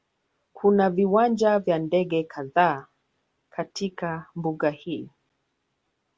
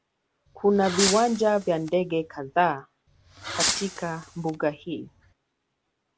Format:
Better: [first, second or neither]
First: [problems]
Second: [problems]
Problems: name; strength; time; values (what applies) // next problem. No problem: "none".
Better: first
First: none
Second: background sound (Fireworks); 6 dB below the speech